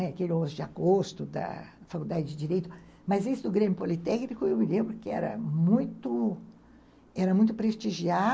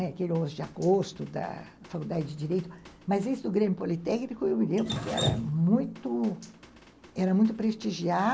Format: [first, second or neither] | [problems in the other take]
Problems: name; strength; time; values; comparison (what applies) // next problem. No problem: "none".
first | background sound (Drip); 13 dB below the speech